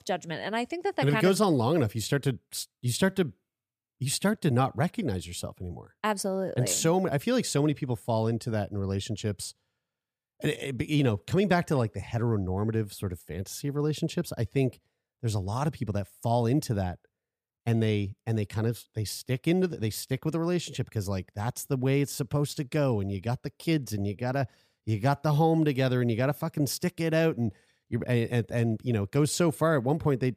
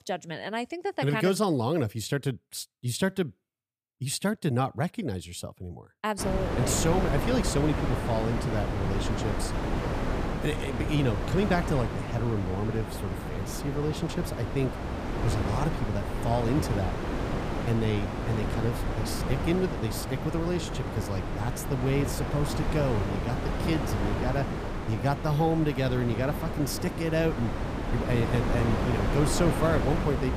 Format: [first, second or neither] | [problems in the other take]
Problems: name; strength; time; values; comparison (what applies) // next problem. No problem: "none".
first | wind noise on the microphone; heavy; from 6 s on; 2 dB below the speech